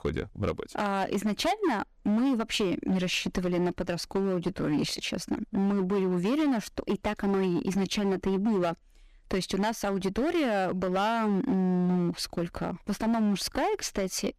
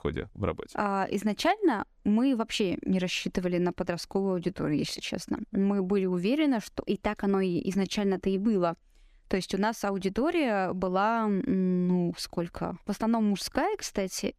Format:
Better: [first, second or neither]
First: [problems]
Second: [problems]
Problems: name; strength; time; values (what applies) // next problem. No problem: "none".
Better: second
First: distortion; slight; 15% of the sound clipped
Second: none